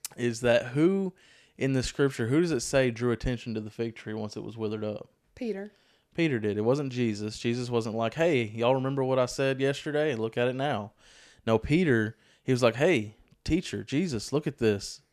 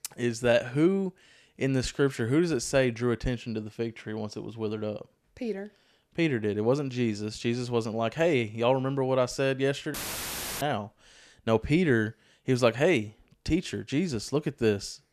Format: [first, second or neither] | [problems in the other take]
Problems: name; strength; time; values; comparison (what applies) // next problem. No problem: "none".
first | audio cutting out; filled with static; at 10 s for 0.5 s